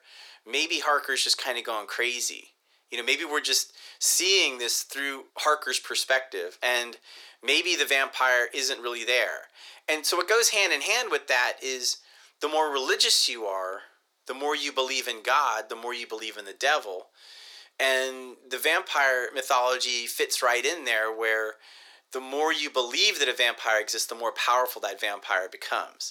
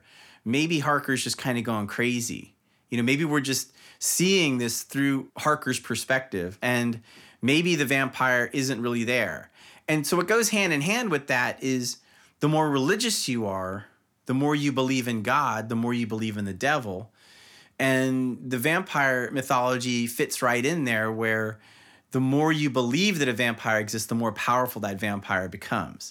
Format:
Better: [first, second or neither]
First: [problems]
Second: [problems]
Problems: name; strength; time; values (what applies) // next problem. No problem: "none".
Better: second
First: thin; very; fading below 400 Hz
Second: none